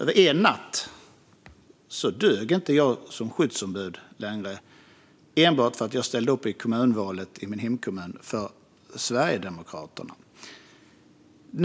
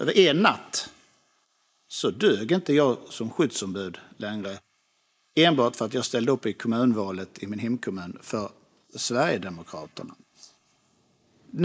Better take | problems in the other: first | noise reduction (neural mask model Resemble Enhance denoiser)

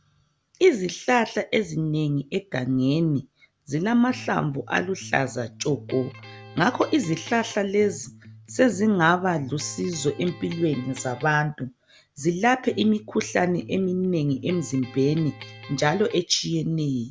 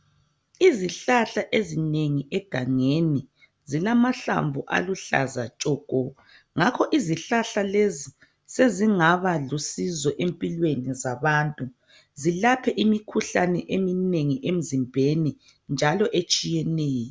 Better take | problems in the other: second | background sound (Electric guitar); 19 dB below the speech

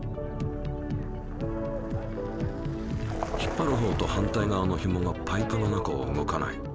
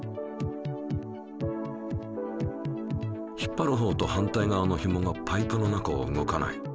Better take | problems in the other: second | background sound (Vehicle + Boat, Water vehicle); 5 dB below the speech

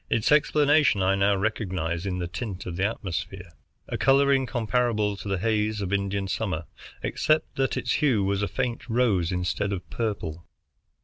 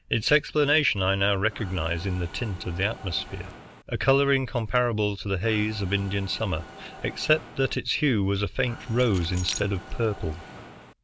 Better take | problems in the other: first | background sound (Mechanisms + Keys jangling); 16 dB below the speech

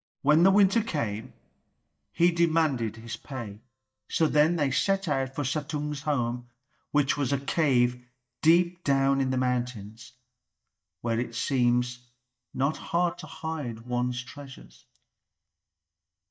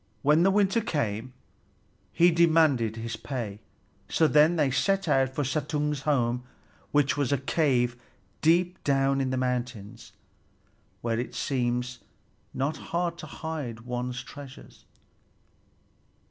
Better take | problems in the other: second | noise reduction (neural mask model DeepFilterNet 3)

